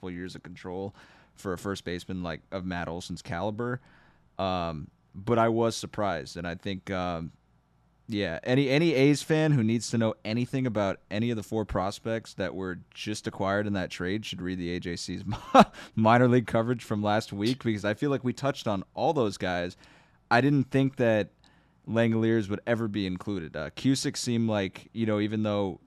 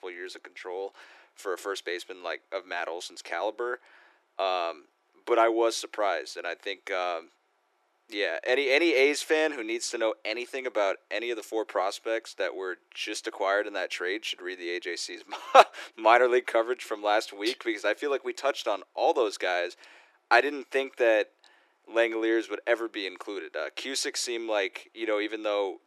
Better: first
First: none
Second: thin; very; fading below 350 Hz

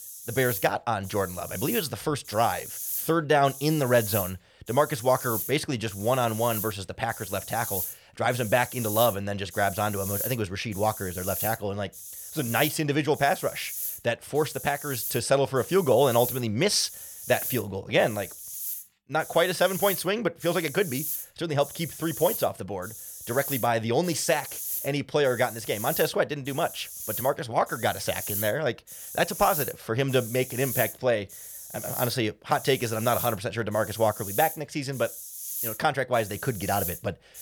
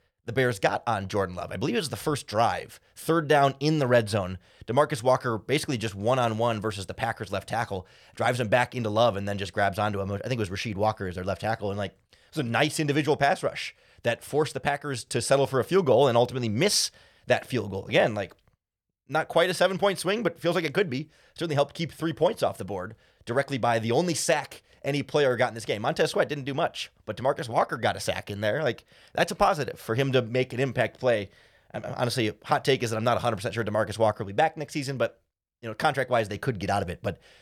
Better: second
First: hiss; loud; throughout; 7 dB below the speech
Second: none

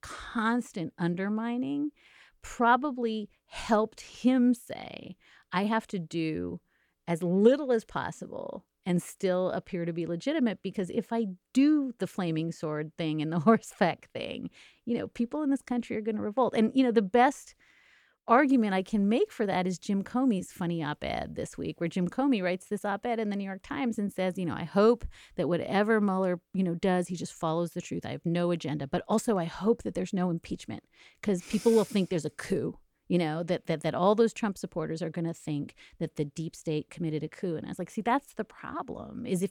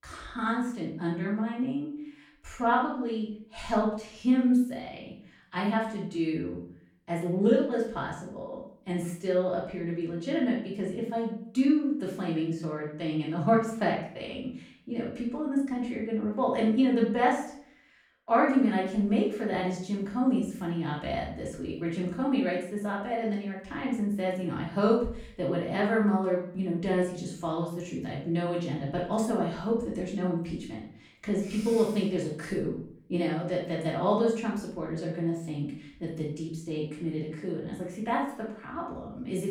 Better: first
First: none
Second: off-mic speech; far // room echo; noticeable; dies away in 0.5 s

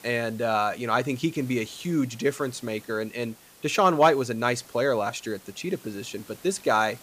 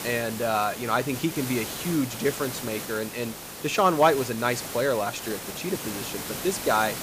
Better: first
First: hiss; faint; throughout; 25 dB below the speech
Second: hiss; loud; throughout; 7 dB below the speech

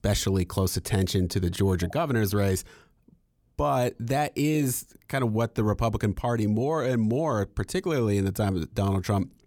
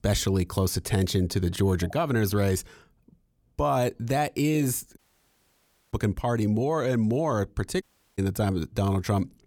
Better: first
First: none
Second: audio cutting out; at 5 s for 1 s and at 8 s

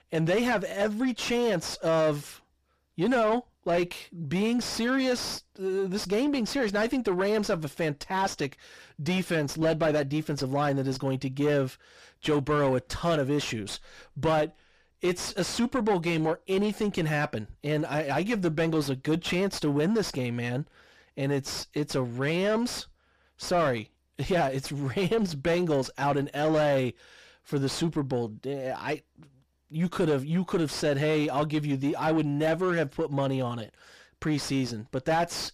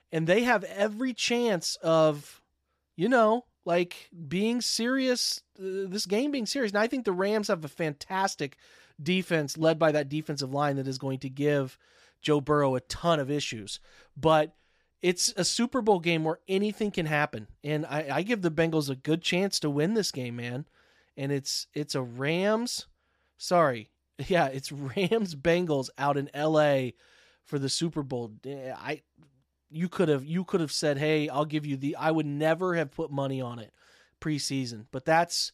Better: second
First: distortion; heavy; 7 dB below the speech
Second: none

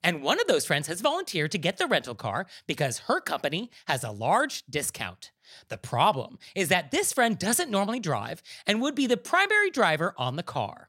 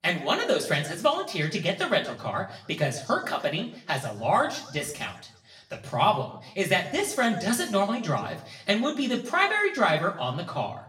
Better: first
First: none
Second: room echo; slight; dies away in 0.6 s // off-mic speech; far

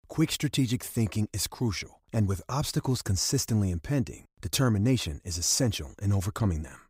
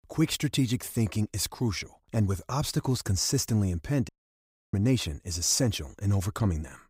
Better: first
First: none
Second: audio cutting out; at 4 s for 0.5 s

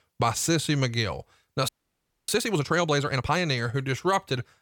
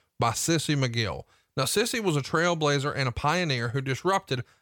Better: second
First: audio freezing; at 1.5 s for 0.5 s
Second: none

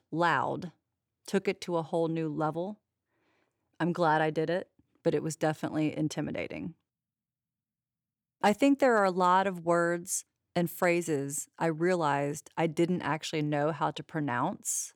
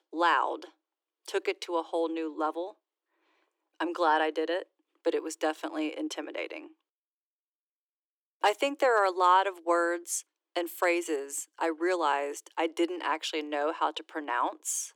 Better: first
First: none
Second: thin; very; fading below 300 Hz

